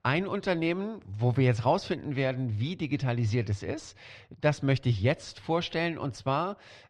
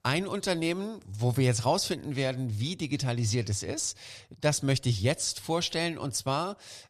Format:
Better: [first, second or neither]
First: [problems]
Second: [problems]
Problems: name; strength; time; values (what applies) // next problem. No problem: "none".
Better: second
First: muffled; slightly; fading above 2.5 kHz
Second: none